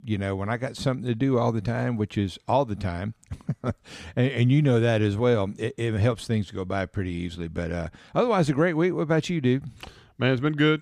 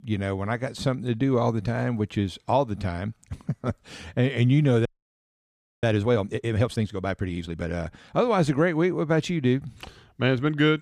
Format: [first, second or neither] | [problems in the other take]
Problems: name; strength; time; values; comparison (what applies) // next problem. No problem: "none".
first | audio freezing; at 5 s for 1 s